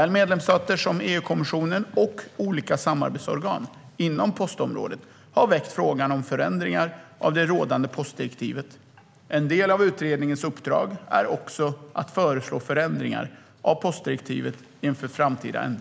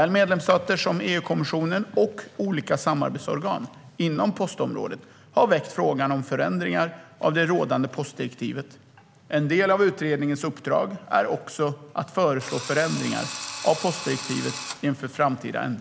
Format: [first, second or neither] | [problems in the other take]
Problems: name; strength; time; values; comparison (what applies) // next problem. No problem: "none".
first | background sound (Drill); 10 dB below the speech